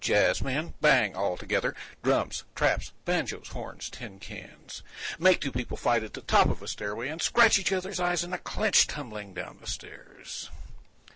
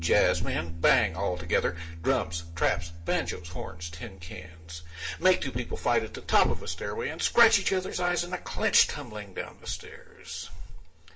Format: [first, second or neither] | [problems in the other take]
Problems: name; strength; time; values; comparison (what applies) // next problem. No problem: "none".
first | background sound (Piano); 14 dB below the speech // room echo; dies away in 0.3 s